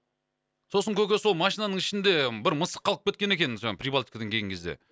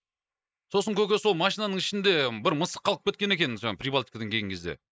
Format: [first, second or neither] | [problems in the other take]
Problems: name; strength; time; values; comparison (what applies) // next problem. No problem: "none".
first | noise reduction (neural mask model Resemble Enhance denoiser)